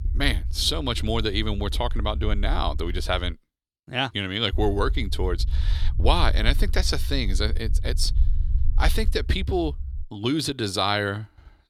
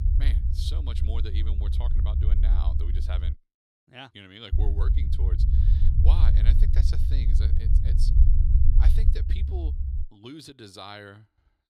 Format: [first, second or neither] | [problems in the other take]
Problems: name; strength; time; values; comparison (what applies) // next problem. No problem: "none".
first | low rumble; loud; until 3.5 s and from 4.5 to 10 s; 1 dB below the speech; faint in the first